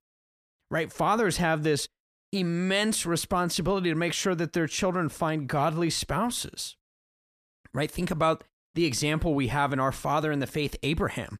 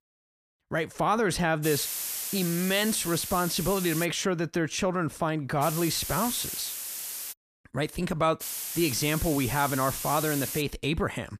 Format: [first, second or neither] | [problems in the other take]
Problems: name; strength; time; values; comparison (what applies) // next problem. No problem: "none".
first | hiss; loud; from 1.5 to 4 s, from 5.5 to 7.5 s and from 8.5 to 11 s; 5 dB below the speech